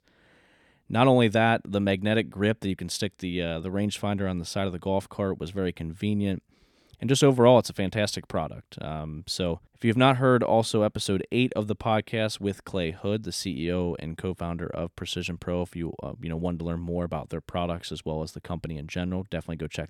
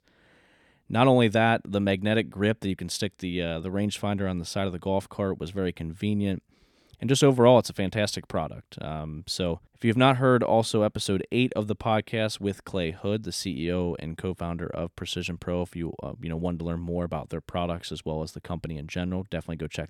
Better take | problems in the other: neither | none

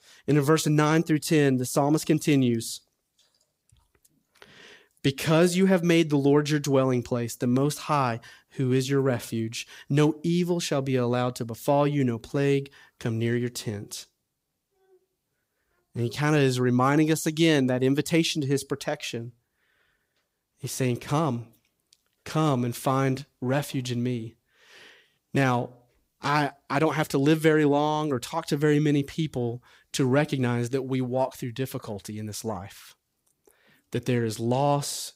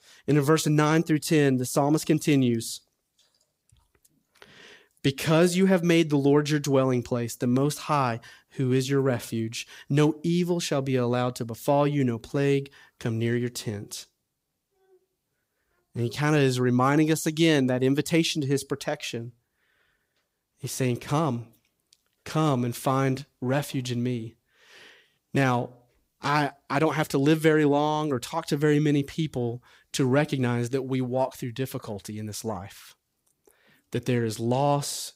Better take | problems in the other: neither | none

